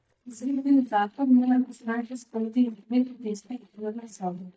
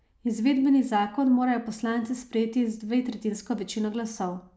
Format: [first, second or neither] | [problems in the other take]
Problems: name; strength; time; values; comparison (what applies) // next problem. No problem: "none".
second | noise reduction (neural mask model DeepFilterNet 3)